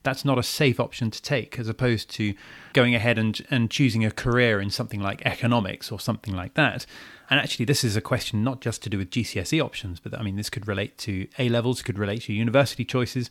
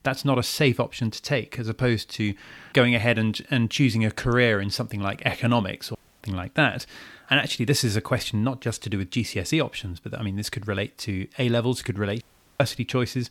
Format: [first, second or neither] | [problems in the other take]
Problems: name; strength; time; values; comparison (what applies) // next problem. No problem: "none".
first | audio cutting out; at 6 s and at 12 s